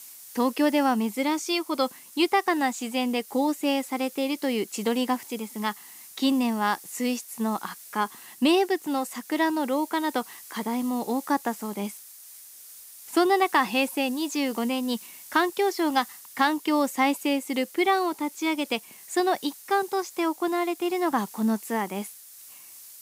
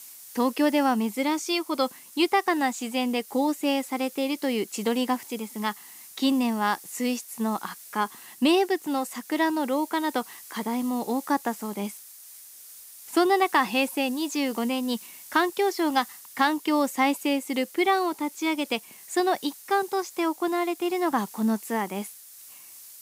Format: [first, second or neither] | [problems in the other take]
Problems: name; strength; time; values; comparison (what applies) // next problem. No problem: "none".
neither | hiss; noticeable; throughout; 15 dB below the speech; the same in both